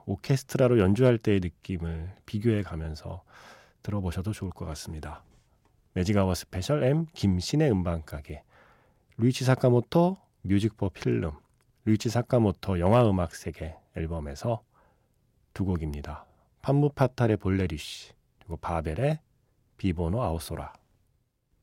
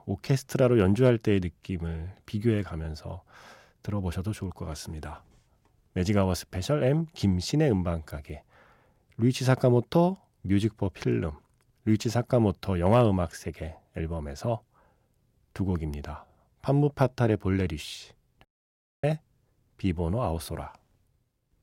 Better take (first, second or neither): first